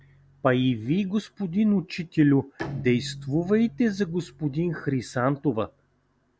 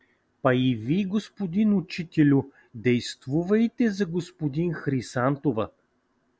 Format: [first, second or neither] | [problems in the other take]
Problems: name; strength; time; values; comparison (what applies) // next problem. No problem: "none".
second | background sound (Bowed string instrument); 18 dB below the speech